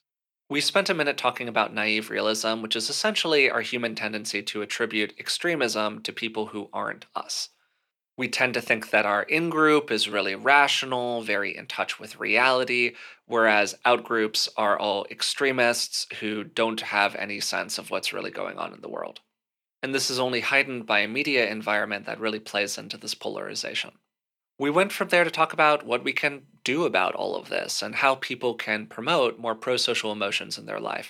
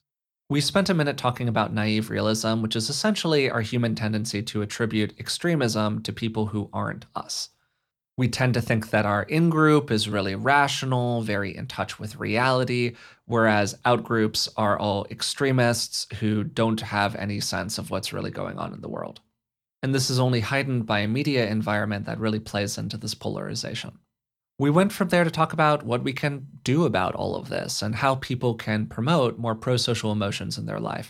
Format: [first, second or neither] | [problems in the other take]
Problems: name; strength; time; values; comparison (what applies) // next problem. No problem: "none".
second | thin; somewhat; fading below 400 Hz